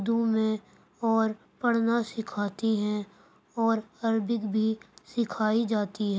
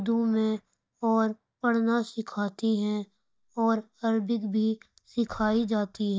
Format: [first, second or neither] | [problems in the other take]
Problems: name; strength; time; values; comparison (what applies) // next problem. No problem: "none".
first | noise reduction (neural mask model DeepFilterNet 3)